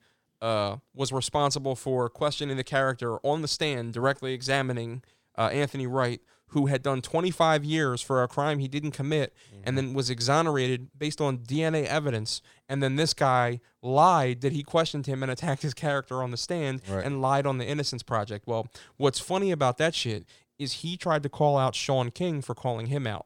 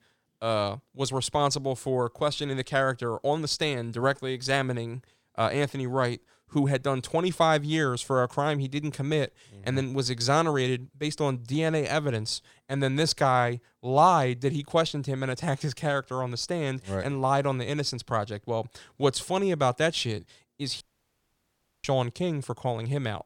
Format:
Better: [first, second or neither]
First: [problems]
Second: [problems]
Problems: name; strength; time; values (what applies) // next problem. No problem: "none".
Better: first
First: none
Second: audio cutting out; at 21 s for 1 s